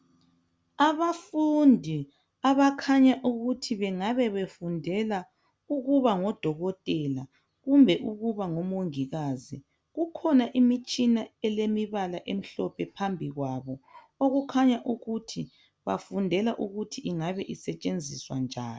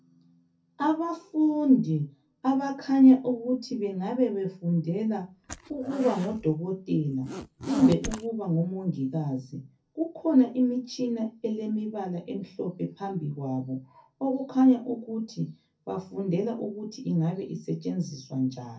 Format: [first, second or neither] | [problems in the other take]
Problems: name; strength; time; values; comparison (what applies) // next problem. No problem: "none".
first | background sound (Zipper (clothing)); 12 dB below the speech // room echo; dies away in 0.3 s